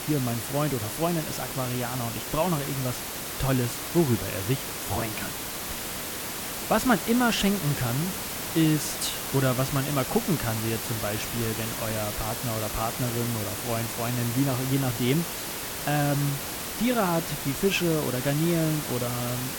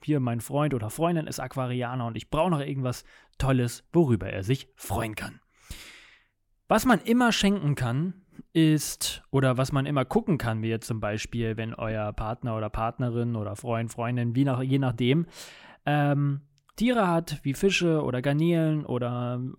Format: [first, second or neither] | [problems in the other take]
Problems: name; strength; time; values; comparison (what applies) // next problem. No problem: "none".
second | hiss; loud; throughout; 3 dB below the speech